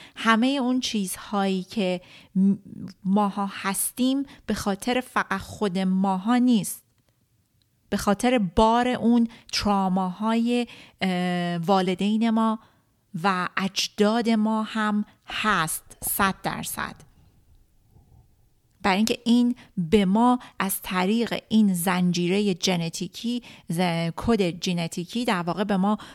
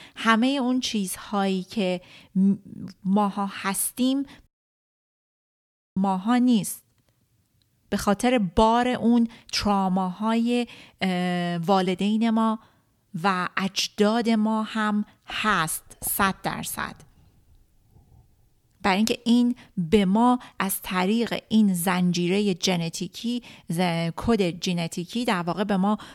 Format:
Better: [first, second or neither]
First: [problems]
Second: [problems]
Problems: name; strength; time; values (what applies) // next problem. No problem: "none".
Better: first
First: none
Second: audio cutting out; at 4.5 s for 1.5 s